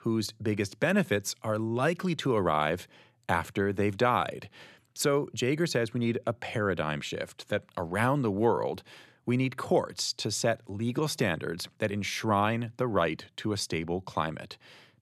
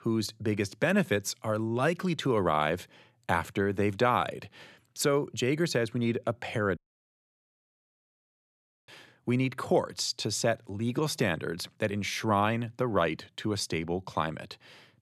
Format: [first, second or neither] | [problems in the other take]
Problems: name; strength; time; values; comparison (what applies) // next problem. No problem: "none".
first | audio cutting out; at 7 s for 2 s